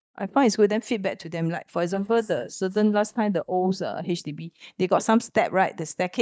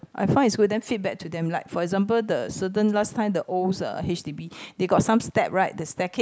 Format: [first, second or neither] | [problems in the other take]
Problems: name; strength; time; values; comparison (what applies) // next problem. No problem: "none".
second | noise reduction (neural mask model DeepFilterNet 3)